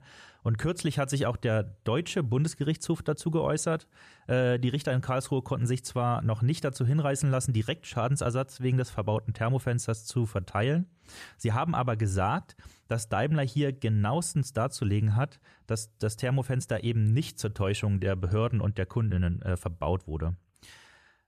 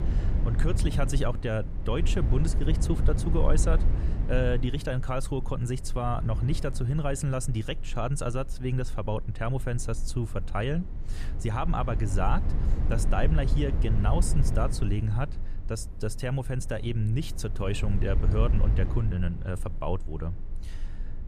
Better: first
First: none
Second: low rumble; noticeable; throughout; 10 dB below the speech

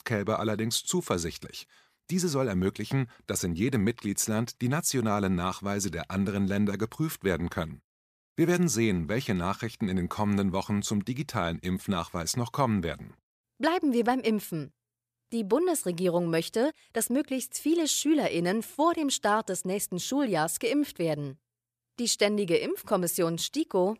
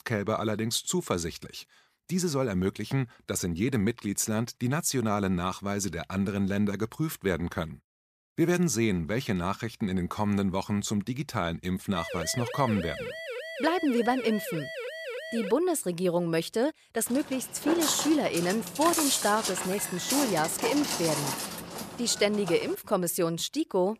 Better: first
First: none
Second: siren; noticeable; from 12 to 16 s; peak 7 dB below the speech // footsteps; loud; from 17 to 23 s; peak 2 dB above the speech

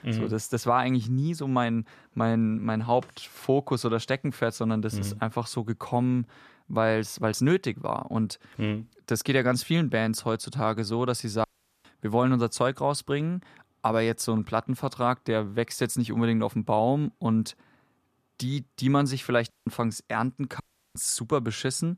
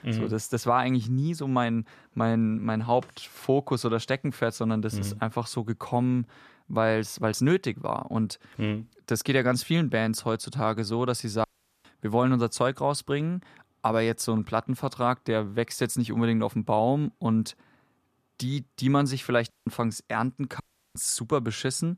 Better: neither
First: audio cutting out; at 11 s, at 20 s and at 21 s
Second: audio cutting out; at 11 s, at 20 s and at 21 s

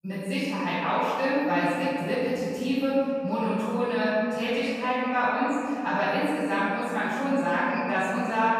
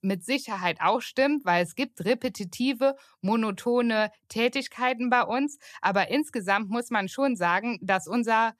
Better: second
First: room echo; strong; dies away in 2.3 s // off-mic speech; far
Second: none

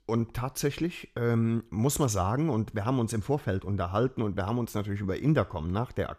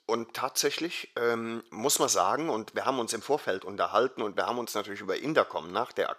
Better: first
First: none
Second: thin; very; fading below 500 Hz

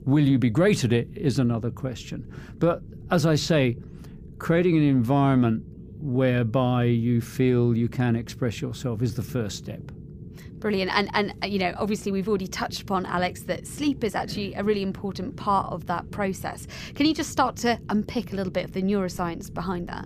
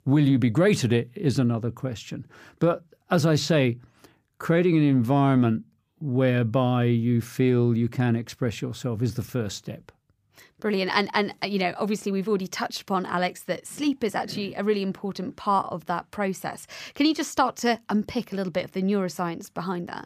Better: second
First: low rumble; faint; throughout; 25 dB below the speech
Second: none

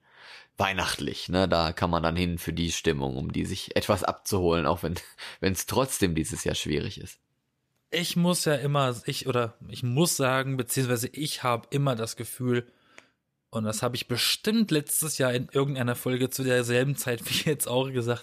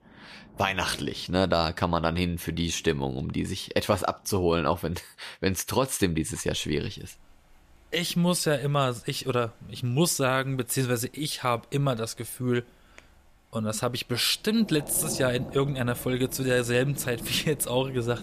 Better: first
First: none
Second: rain or running water; noticeable; throughout; 15 dB below the speech

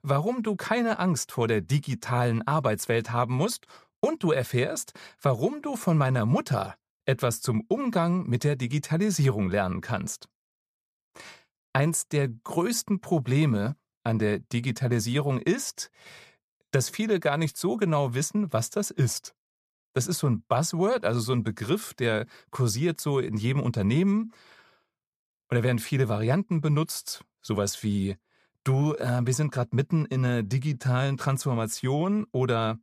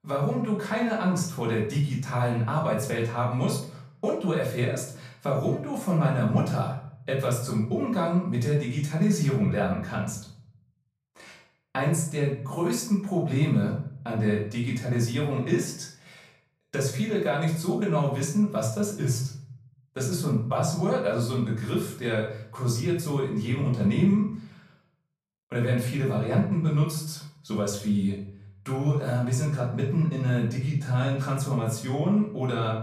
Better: first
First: none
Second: off-mic speech; far // room echo; noticeable; dies away in 0.5 s

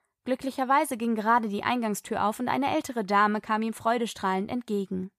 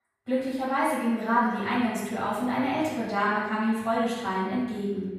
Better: first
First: none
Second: off-mic speech; far // room echo; strong; dies away in 1.3 s

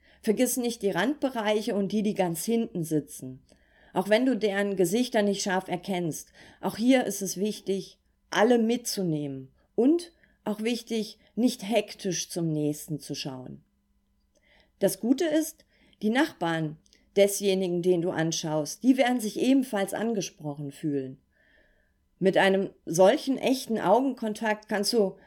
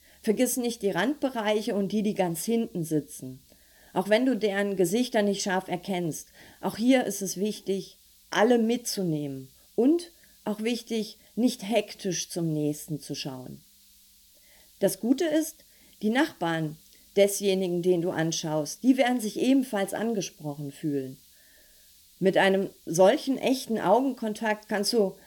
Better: first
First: none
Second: hiss; faint; throughout; 30 dB below the speech

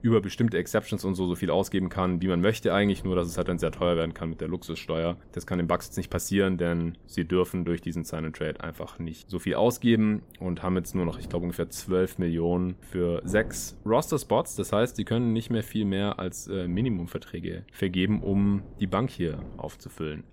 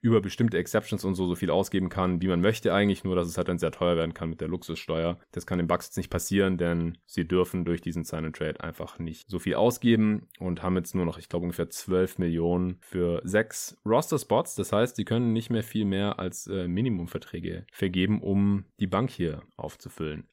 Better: second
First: wind noise on the microphone; occasional gusts; 25 dB below the speech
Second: none

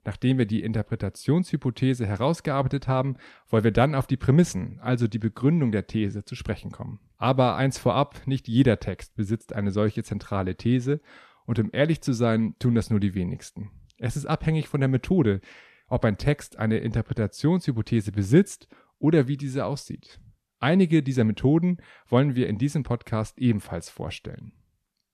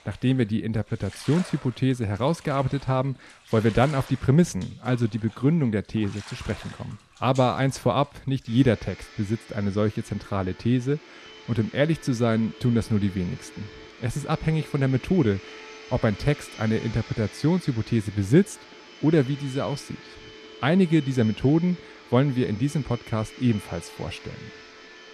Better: first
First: none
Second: household noises; noticeable; throughout; 20 dB below the speech

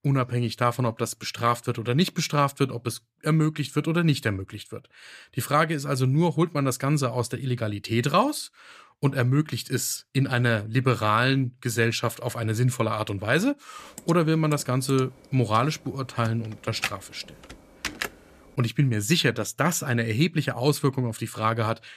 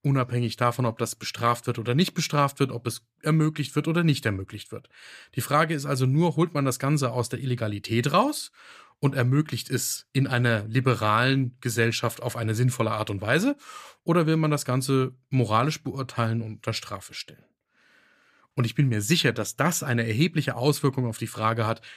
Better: second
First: keyboard typing; noticeable; from 14 to 18 s; peak 6 dB below the speech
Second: none

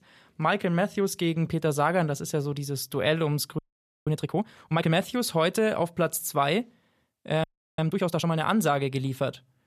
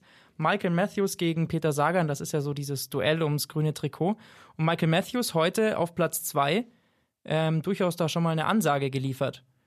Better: second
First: audio freezing; at 3.5 s and at 7.5 s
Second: none

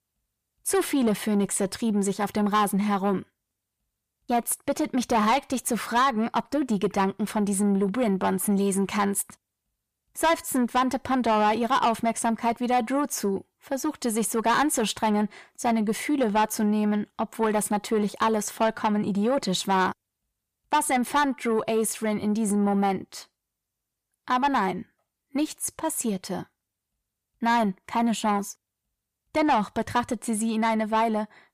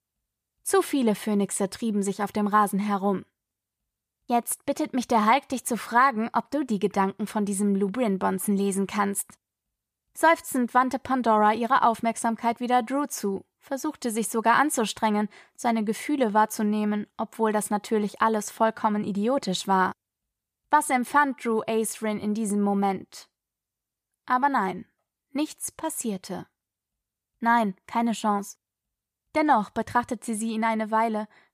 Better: second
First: distortion; slight; 10 dB below the speech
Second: none

